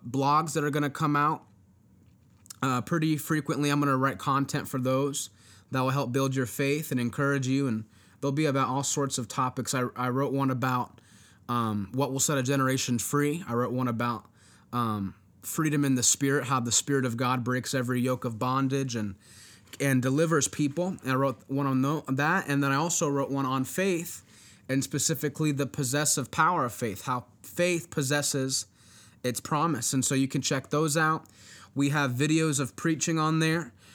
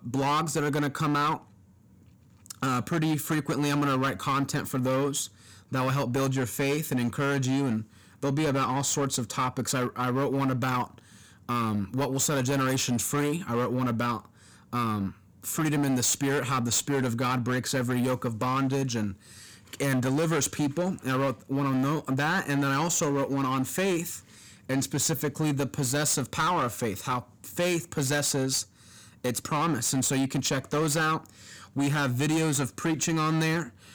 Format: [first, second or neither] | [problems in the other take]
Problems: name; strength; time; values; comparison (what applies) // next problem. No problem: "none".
first | distortion; slight; 16% of the sound clipped